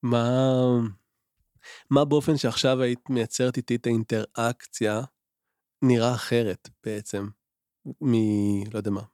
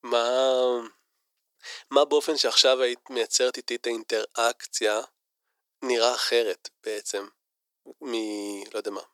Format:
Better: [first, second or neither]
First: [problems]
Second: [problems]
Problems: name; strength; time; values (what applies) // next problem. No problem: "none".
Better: first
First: none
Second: thin; very; fading below 400 Hz